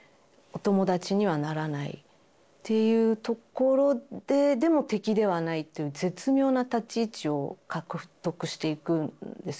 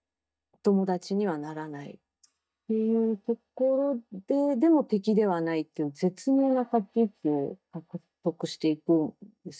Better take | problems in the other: first | noise reduction (neural mask model DeepFilterNet 3)

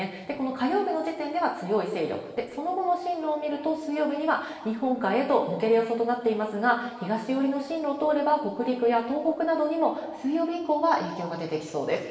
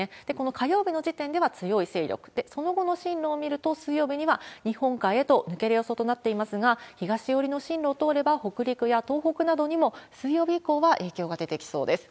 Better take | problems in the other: second | room echo; dies away in 1.2 s

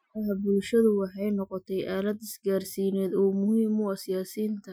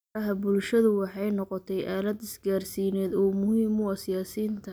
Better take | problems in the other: second | noise reduction (classical method Wiener filter)

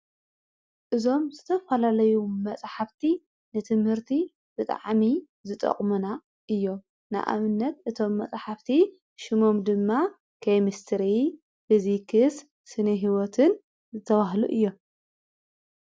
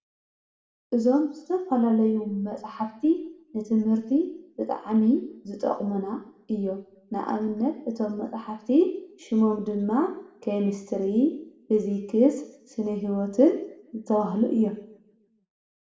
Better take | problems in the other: first | room echo; dies away in 0.7 s

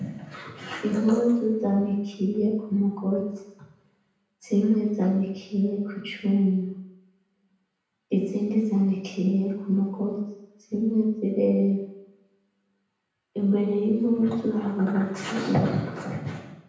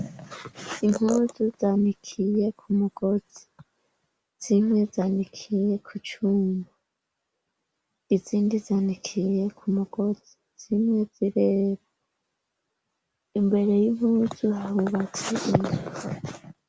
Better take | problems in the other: second | room echo; dies away in 0.9 s

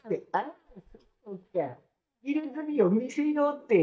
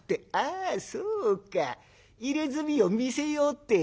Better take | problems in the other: second | noise reduction (neural mask model DeepFilterNet 3)

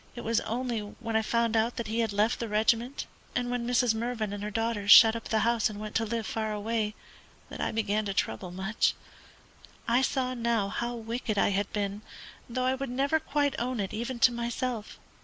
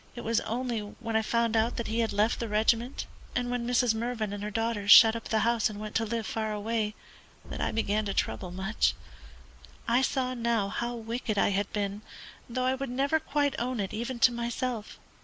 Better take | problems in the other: first | background sound (Boom); 9 dB below the speech

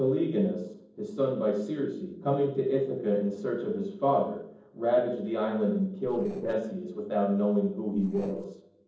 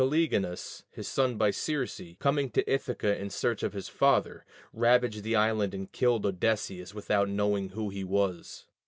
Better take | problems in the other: second | noise reduction (neural separator model SepFormer DNS4)

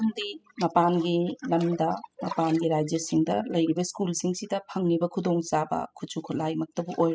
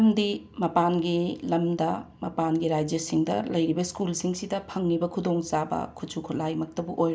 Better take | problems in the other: second | noise reduction (classical method spectral subtraction)

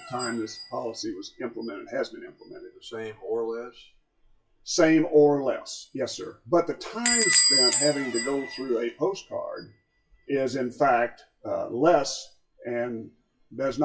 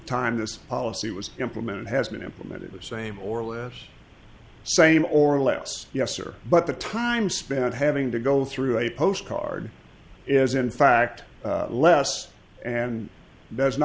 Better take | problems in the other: second | noise reduction (classical method WPE with log-MMSE)

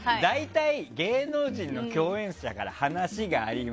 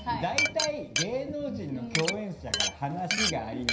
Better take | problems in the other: first | background sound (Glass); as loud as the speech // room echo; dies away in 0.5 s

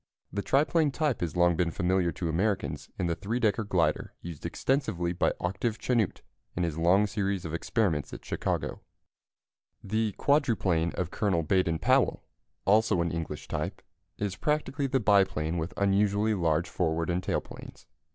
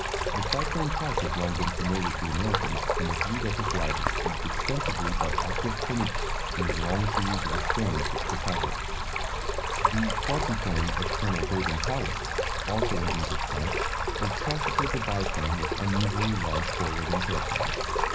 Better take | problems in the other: first | background sound (Stream); 3 dB above the speech // room echo; dies away in 0.5 s

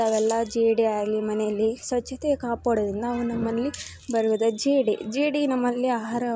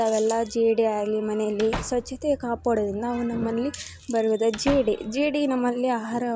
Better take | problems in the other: first | background sound (Slam / Wood); 15 dB below the speech

